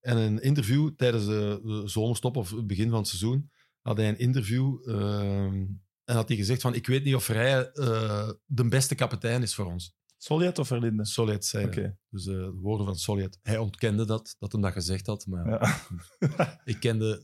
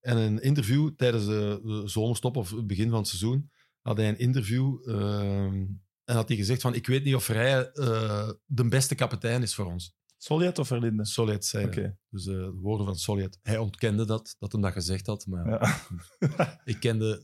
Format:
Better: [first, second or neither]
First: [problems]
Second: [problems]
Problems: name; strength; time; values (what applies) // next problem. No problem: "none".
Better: neither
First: none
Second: none